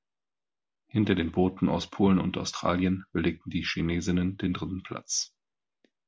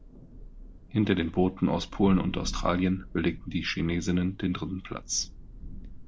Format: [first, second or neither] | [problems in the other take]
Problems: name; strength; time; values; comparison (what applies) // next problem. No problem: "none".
first | background sound (Thunder); 12 dB below the speech